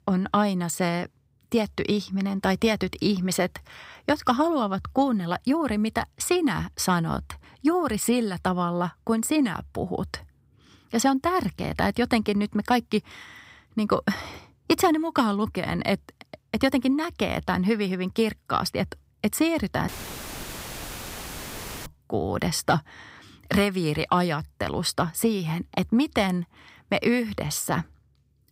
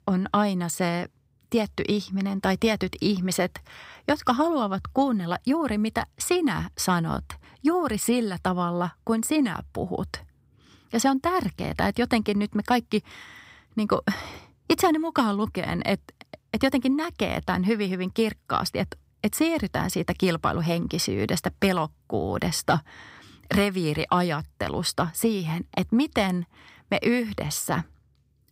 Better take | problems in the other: second | audio cutting out; filled with static; at 20 s for 2 s

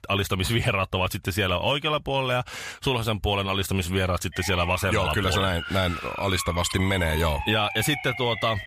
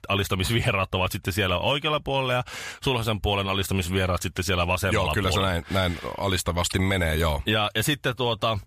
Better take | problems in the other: second | siren; noticeable; from 4.5 s on; peak 7 dB below the speech

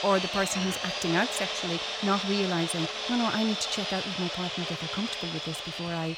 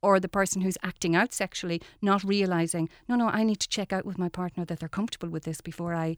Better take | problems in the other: second | machinery noise; loud; throughout; 1 dB below the speech

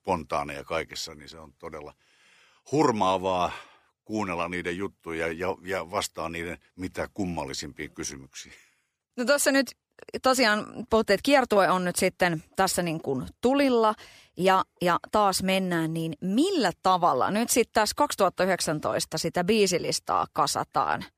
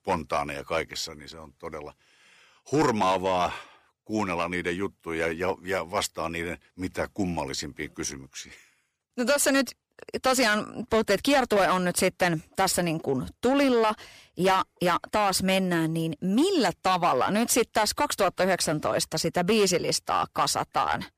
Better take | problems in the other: first | distortion; slight; 5% of the sound clipped

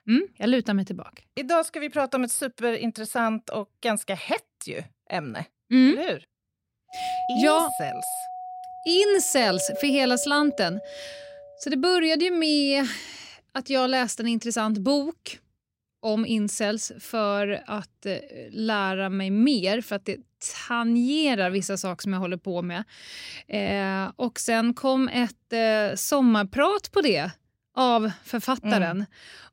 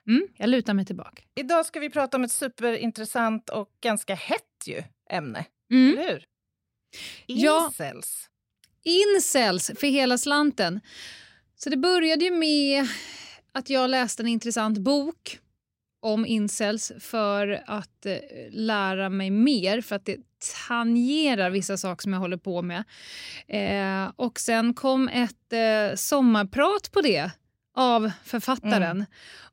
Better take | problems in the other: second | doorbell; noticeable; from 7 to 12 s; peak 4 dB below the speech

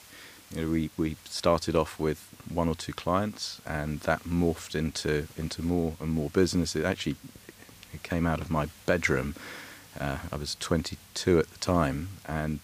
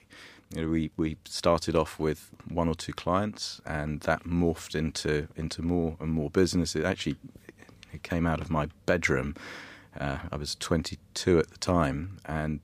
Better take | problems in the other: second | hiss; faint; throughout; 20 dB below the speech

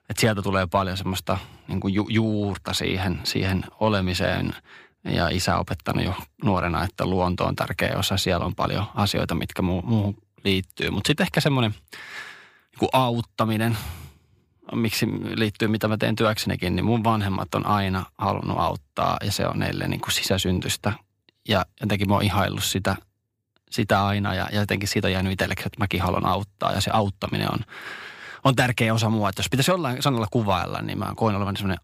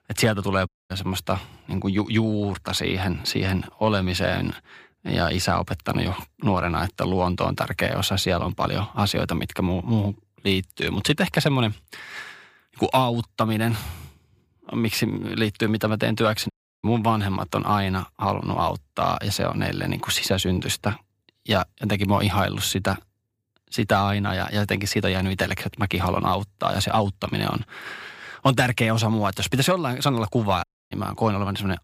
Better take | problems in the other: first | audio cutting out; at 0.5 s, at 17 s and at 31 s

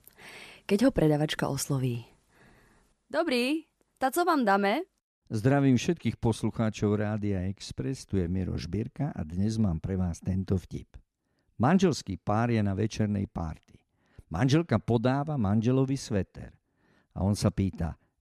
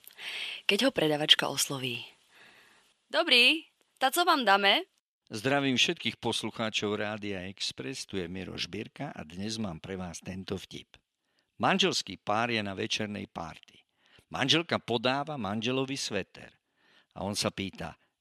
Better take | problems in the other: first | thin; somewhat; fading below 700 Hz

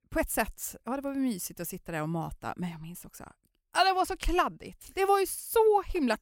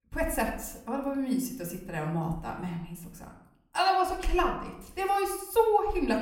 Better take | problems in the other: first | off-mic speech; somewhat distant // room echo; slight; dies away in 0.6 s

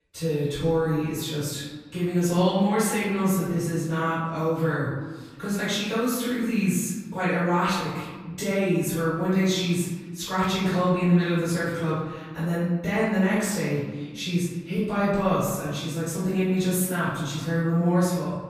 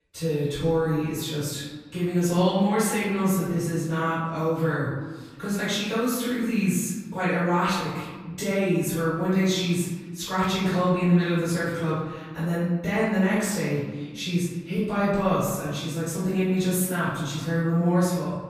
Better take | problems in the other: neither | off-mic speech; far; the same in both // room echo; strong; dies away in 1.4 s; the same in both

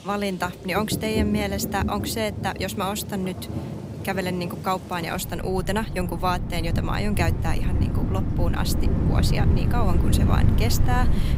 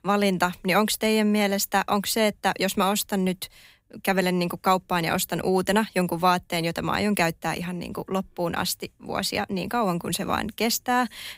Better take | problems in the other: second | rain or running water; very loud; throughout; 2 dB above the speech

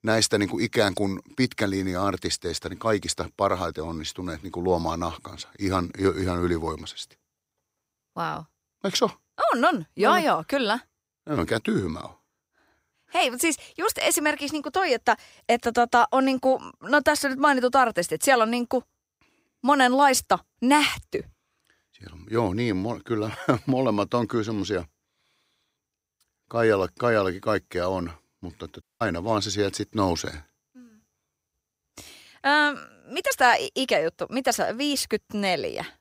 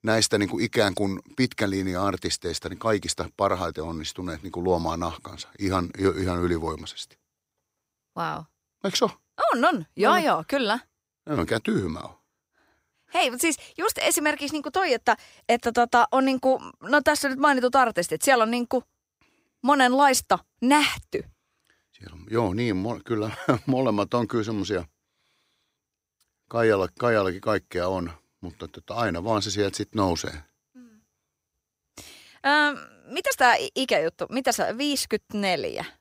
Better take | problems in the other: second | audio cutting out; at 29 s

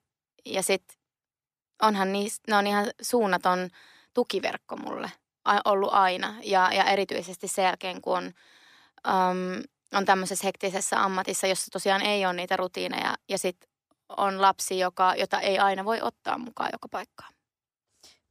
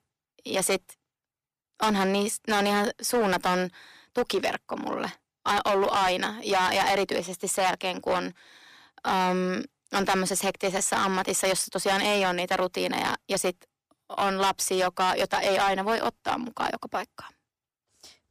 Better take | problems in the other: first | distortion; heavy; 11% of the sound clipped

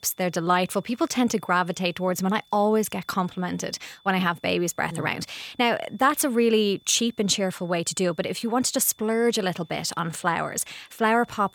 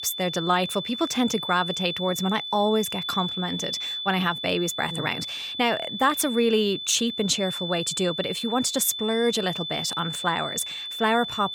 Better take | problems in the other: first | high-pitched whine; loud; throughout; 3.5 kHz, 5 dB below the speech; faint in the first

